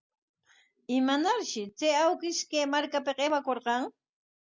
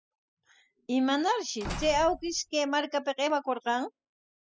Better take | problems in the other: first | noise reduction (classical method spectral subtraction)

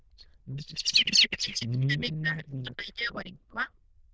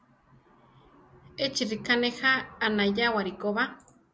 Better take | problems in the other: second | noise reduction (neural diffusion model UNIVERSE++)

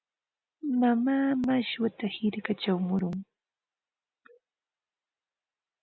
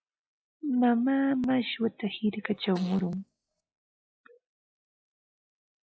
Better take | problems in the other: first | noise reduction (classical method log-MMSE)

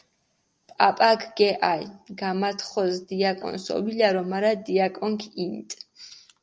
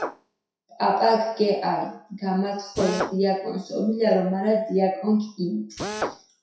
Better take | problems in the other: first | noise reduction (classical method WPE with log-MMSE)

